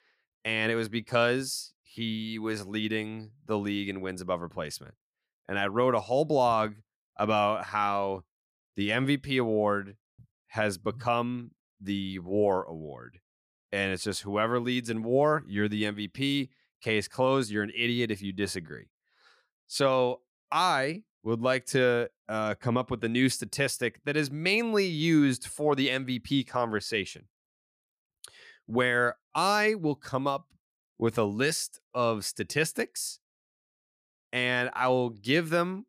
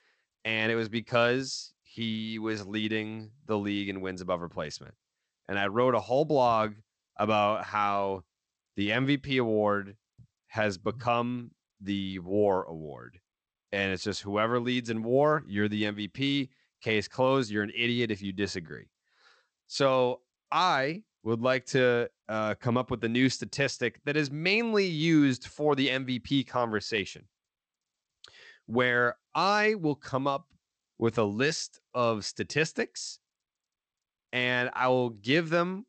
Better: first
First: none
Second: garbled, watery; slightly; nothing above 8 kHz

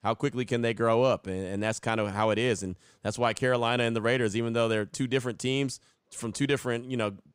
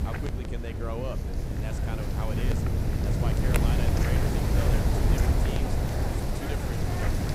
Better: first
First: none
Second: wind noise on the microphone; heavy; 5 dB above the speech

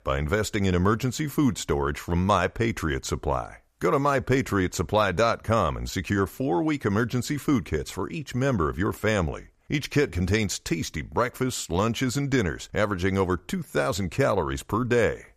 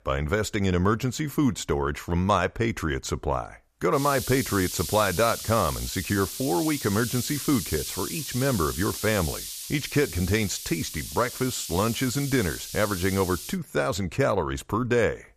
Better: first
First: none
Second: hiss; loud; from 4 to 14 s; 7 dB below the speech

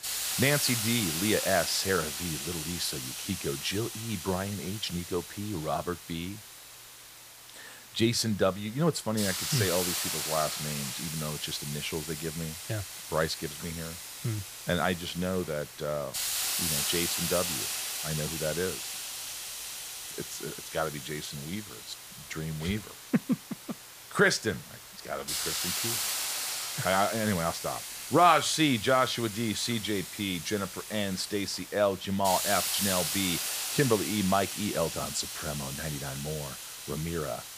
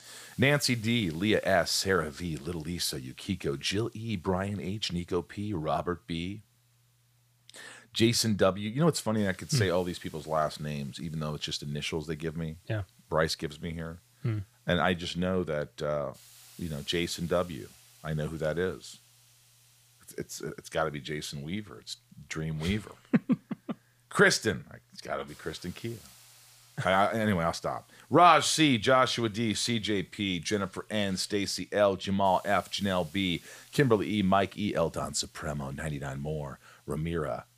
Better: second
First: hiss; loud; throughout; 3 dB below the speech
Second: hiss; faint; throughout; 25 dB below the speech

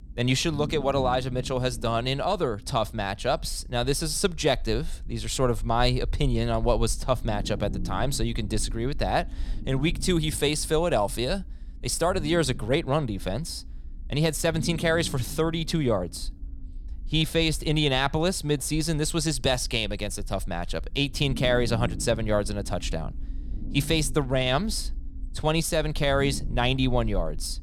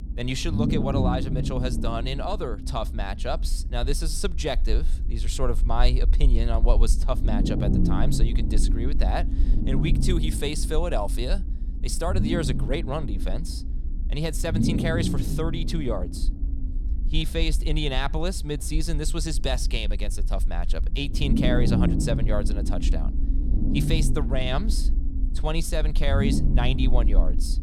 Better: first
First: low rumble; faint; throughout; 20 dB below the speech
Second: low rumble; loud; throughout; 5 dB below the speech

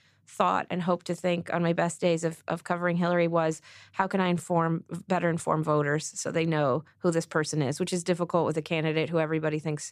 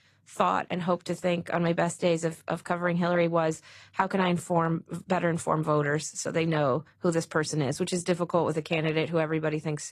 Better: first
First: none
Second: garbled, watery; slightly; nothing above 15 kHz

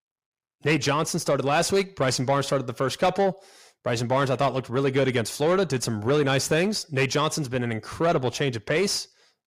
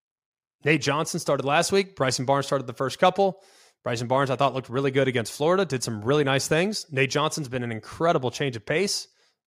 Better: second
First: distortion; slight; 10 dB below the speech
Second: none

